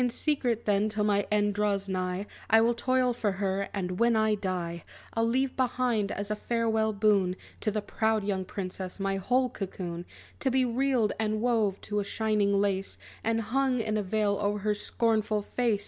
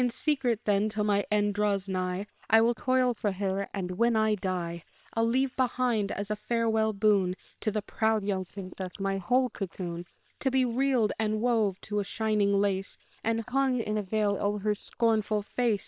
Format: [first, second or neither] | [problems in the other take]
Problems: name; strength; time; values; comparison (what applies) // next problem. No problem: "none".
first | noise reduction (neural separator model SepFormer WHAM!)